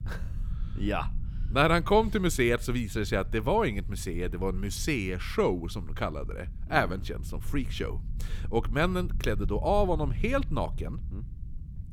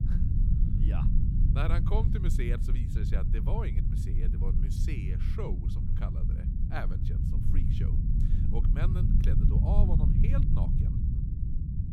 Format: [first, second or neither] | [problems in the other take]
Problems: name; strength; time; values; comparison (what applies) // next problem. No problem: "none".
first | low rumble; loud; throughout; 1 dB below the speech; faint in the first